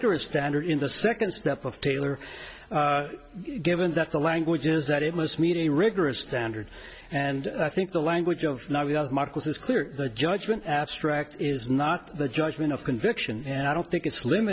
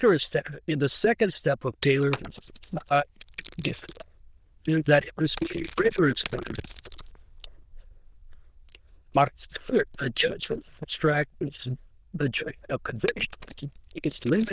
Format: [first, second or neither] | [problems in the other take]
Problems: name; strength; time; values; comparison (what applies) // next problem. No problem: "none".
first | noise reduction (neural diffusion model UNIVERSE++)